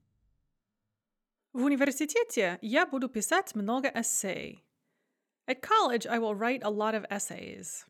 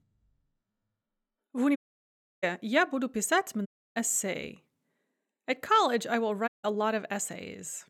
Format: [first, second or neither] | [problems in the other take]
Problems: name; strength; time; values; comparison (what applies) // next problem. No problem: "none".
first | audio cutting out; at 2 s for 0.5 s, at 3.5 s and at 6.5 s